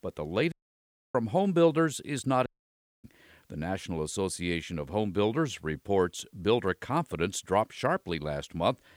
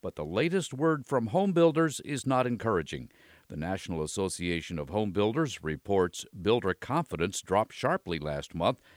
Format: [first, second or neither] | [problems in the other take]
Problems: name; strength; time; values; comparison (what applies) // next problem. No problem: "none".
second | audio cutting out; at 0.5 s for 0.5 s and at 2.5 s for 0.5 s